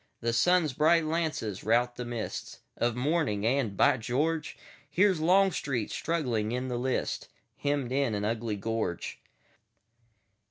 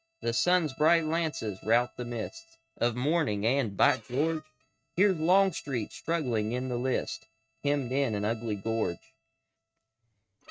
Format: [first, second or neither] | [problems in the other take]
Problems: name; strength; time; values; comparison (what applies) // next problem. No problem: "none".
first | noise reduction (neural mask model RNNoise)